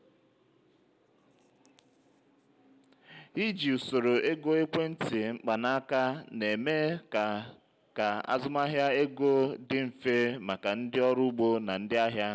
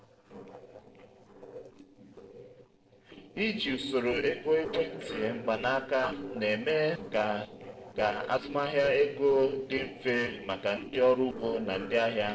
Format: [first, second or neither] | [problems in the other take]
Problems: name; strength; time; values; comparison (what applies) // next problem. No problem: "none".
first | noise reduction (neural separator model SepFormer DNS4)